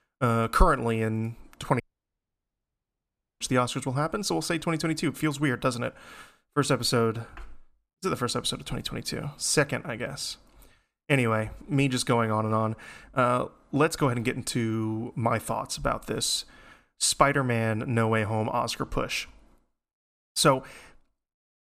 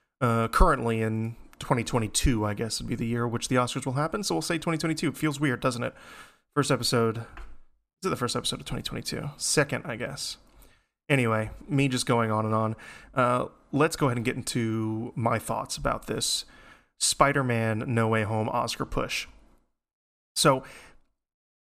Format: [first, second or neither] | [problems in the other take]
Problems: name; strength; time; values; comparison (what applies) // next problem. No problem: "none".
second | audio cutting out; at 2 s for 1.5 s